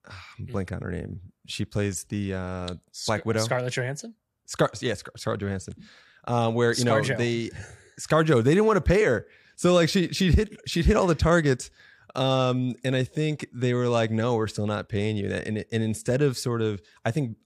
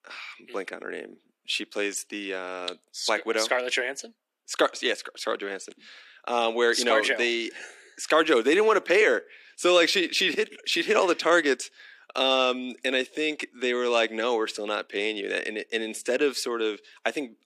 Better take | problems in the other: first | thin; somewhat; fading below 300 Hz

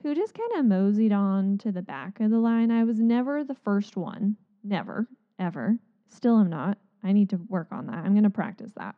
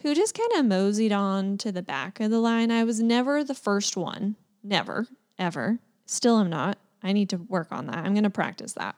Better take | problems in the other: second | muffled; very; fading above 2 kHz

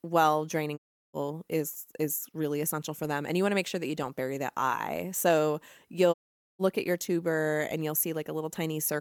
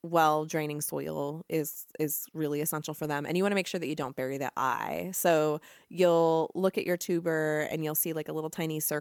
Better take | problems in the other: second | audio cutting out; at 1 s and at 6 s

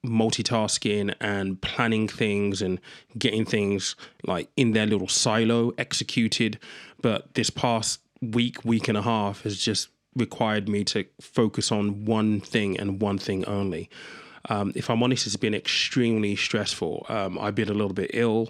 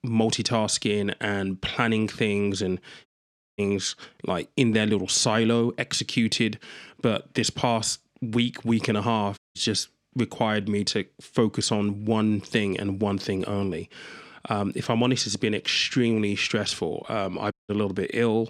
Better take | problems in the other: first | audio cutting out; at 3 s for 0.5 s, at 9.5 s and at 18 s

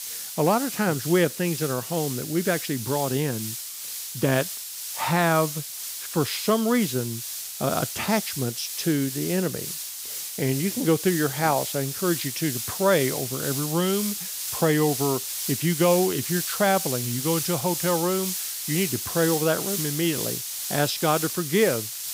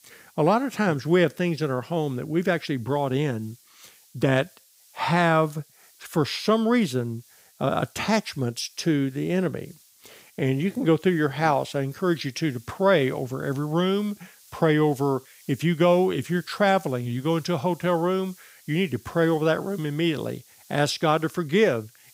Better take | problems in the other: second | hiss; loud; throughout; 4 dB below the speech; faint in the second

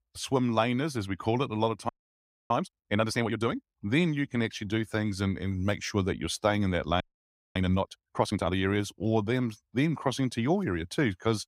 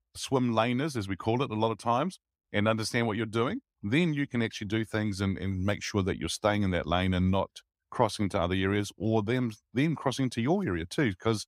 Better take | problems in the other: second | audio freezing; at 2 s for 0.5 s and at 7 s for 0.5 s

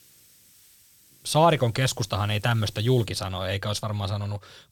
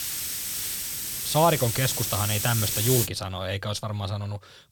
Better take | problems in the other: first | hiss; loud; until 3 s; as loud as the speech; faint in the first

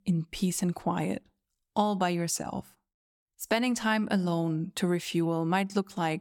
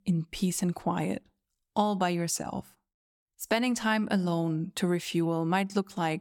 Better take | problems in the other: neither | none

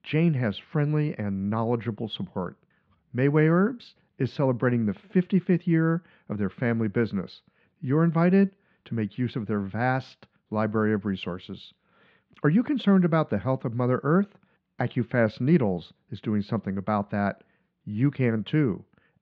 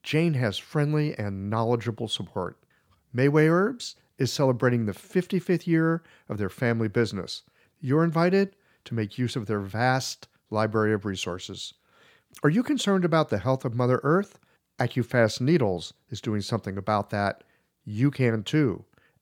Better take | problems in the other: second | muffled; slightly; fading above 3 kHz

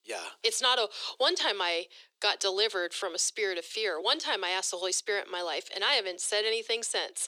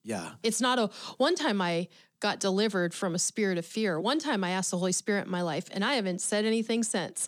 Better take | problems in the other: second | thin; very; fading below 400 Hz

